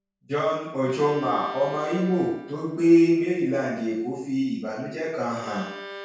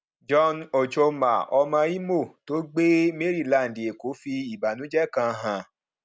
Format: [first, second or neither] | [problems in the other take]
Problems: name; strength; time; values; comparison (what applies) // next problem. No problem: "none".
second | background sound (Bowed string instrument); 18 dB below the speech // room echo; dies away in 0.6 s